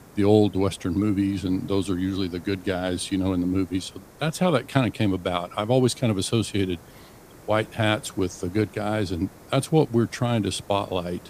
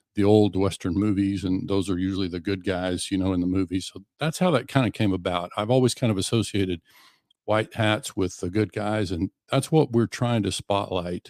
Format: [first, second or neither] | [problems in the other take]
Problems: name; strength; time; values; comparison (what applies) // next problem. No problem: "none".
second | hiss; faint; throughout; 25 dB below the speech